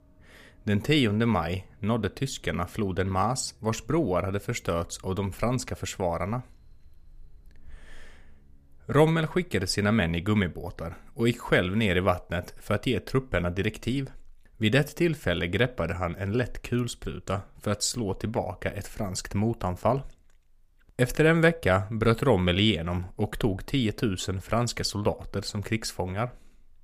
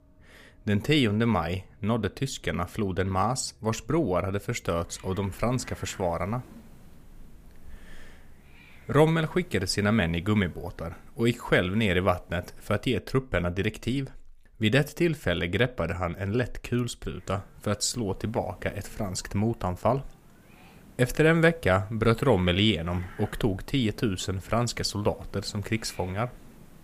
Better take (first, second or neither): first